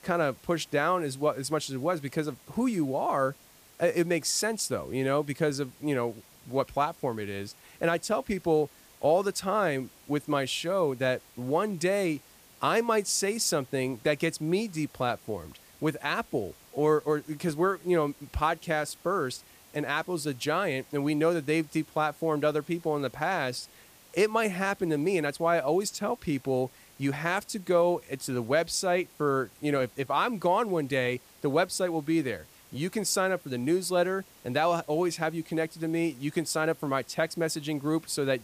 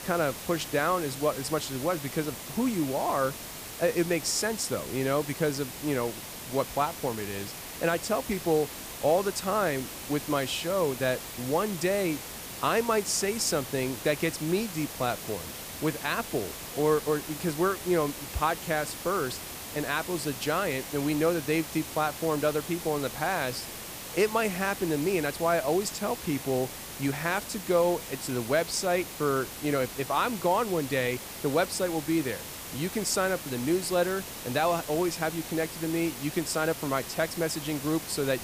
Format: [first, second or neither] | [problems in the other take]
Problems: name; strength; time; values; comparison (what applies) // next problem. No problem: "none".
first | hiss; loud; throughout; 9 dB below the speech; faint in the first